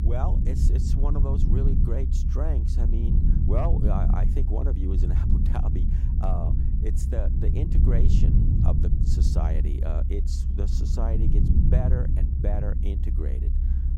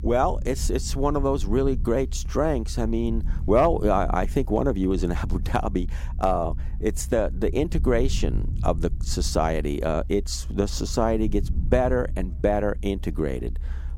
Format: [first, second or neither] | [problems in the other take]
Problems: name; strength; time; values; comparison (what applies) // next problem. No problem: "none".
second | low rumble; loud; throughout; 2 dB below the speech; faint in the second